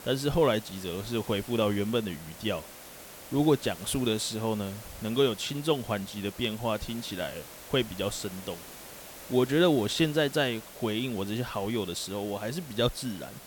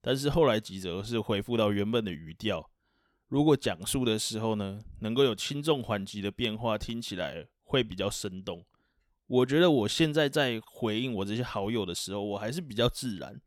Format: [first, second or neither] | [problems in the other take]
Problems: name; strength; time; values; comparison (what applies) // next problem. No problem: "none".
second | hiss; noticeable; throughout; 15 dB below the speech